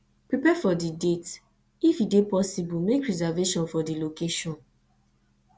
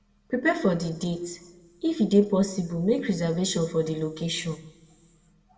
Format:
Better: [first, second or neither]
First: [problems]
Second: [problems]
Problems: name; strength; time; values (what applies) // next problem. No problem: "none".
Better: first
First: none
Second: room echo; dies away in 1.4 s